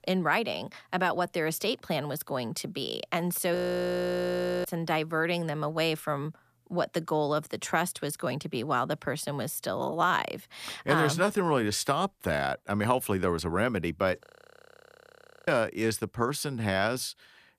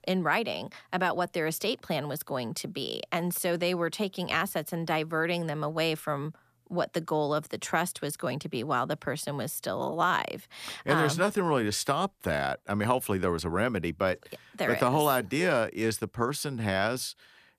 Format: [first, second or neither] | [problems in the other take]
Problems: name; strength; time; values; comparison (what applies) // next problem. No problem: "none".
second | audio freezing; at 3.5 s for 1 s and at 14 s for 1 s